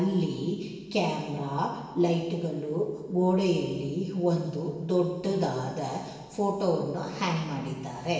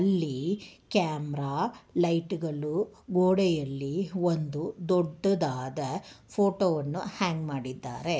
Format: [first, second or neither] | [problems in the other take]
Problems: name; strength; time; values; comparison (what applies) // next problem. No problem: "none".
second | room echo; dies away in 1.2 s